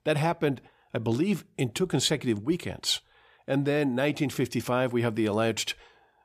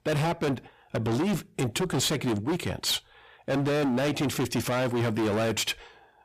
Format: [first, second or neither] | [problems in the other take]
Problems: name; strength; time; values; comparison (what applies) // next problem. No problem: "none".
first | distortion; heavy; 26% of the sound clipped